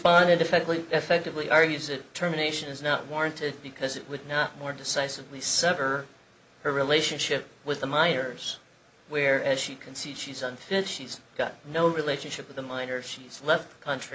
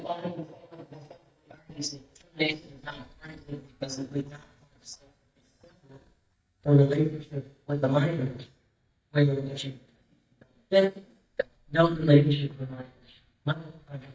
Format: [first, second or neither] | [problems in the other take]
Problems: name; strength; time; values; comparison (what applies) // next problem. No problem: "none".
first | noise reduction (neural mask model DeepFilterNet 3)